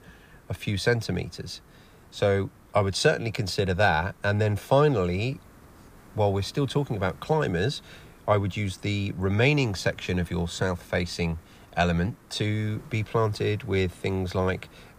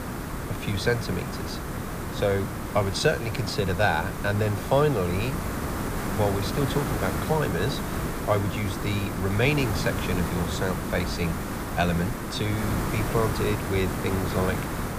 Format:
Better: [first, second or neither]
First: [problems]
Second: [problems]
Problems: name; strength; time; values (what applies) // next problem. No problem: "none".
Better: first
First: hiss; faint; throughout; 25 dB below the speech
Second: hiss; loud; throughout; 3 dB below the speech